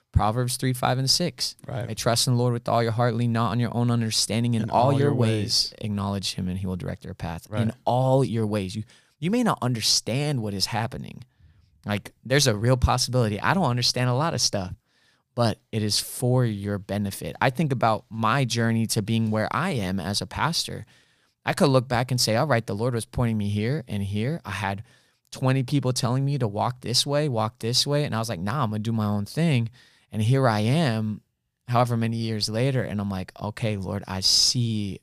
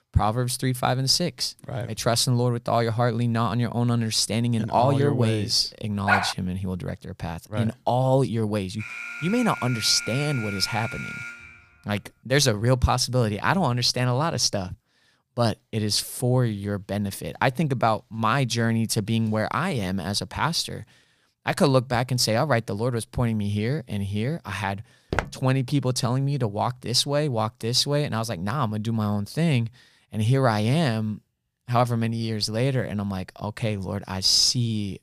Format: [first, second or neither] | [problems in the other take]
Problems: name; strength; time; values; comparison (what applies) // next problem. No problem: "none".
first | dog barking; loud; at 6 s; peak 1 dB above the speech // alarm; noticeable; from 9 to 12 s; peak 9 dB below the speech // footsteps; noticeable; at 25 s; peak 5 dB below the speech